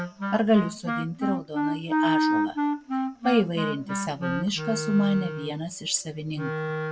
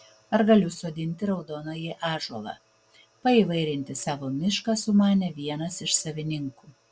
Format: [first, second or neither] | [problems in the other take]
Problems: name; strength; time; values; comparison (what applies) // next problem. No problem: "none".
second | background sound (Wind instrument, woodwind instrument); 1 dB below the speech